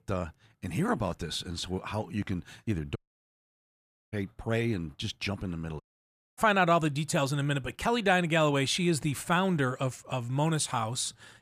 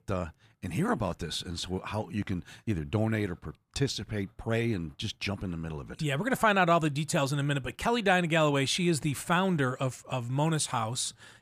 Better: second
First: audio cutting out; at 3 s for 1 s and at 6 s for 0.5 s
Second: none

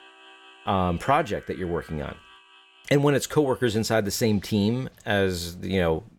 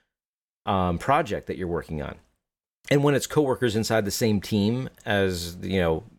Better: second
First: background music; faint; throughout; 25 dB below the speech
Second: none

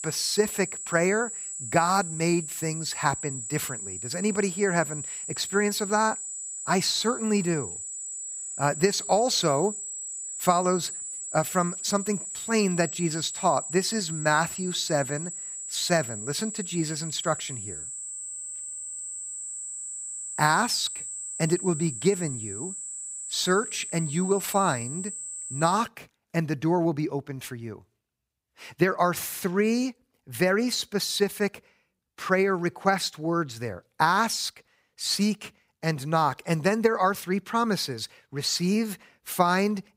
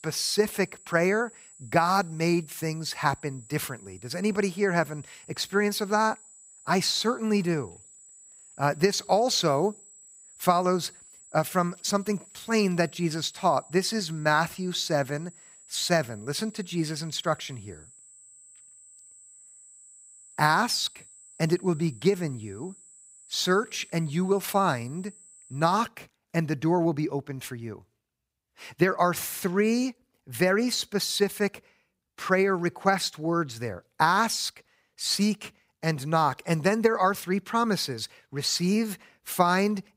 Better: second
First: high-pitched whine; loud; until 26 s; 8 kHz, 7 dB below the speech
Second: high-pitched whine; faint; until 26 s; 8 kHz, 20 dB below the speech

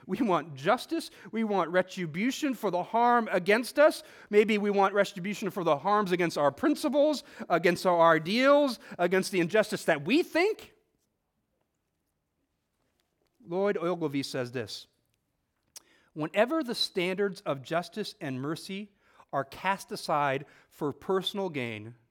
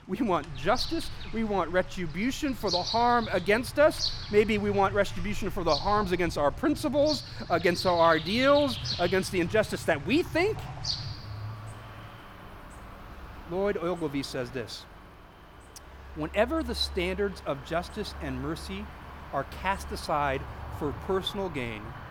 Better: first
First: none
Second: animal sounds; loud; throughout; 10 dB below the speech

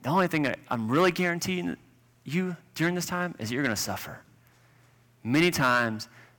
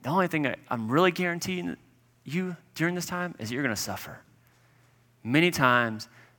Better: second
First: distortion; slight; 1.5% of the sound clipped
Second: none

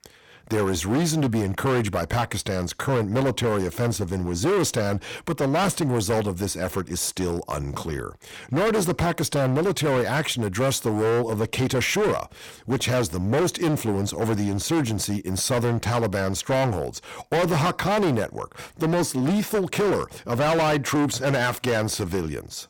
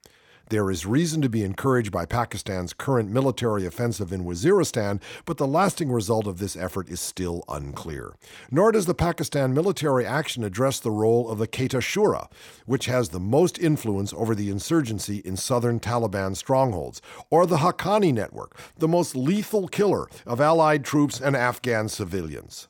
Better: second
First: distortion; heavy; 19% of the sound clipped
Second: none

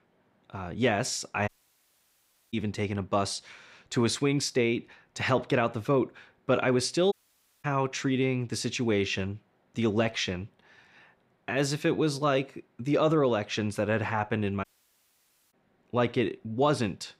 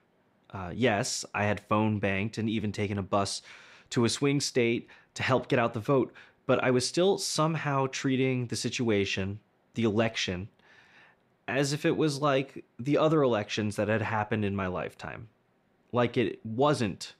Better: second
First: audio cutting out; at 1.5 s for 1 s, at 7 s for 0.5 s and at 15 s for 1 s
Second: none

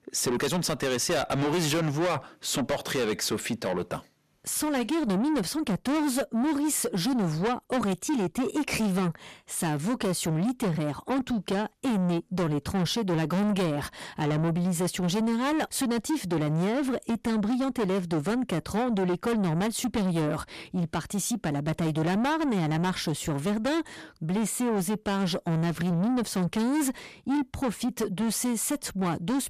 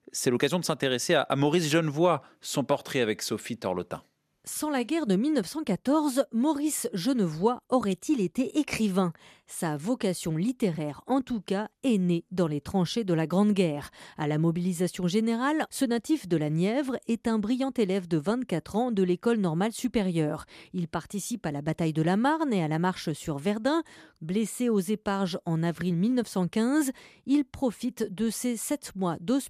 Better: second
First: distortion; heavy; 7 dB below the speech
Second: none

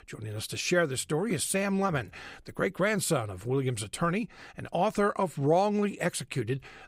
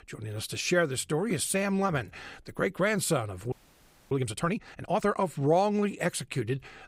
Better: first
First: none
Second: audio freezing; at 3.5 s for 0.5 s

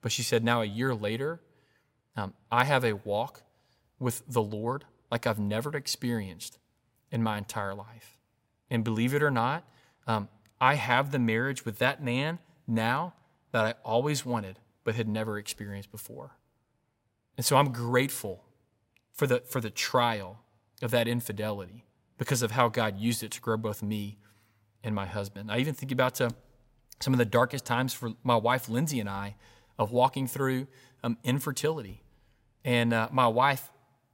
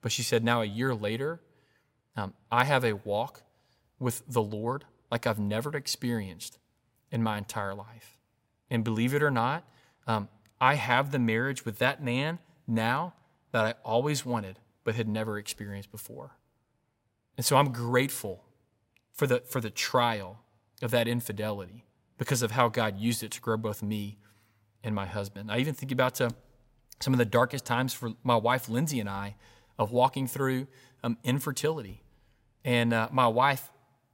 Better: neither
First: none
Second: none

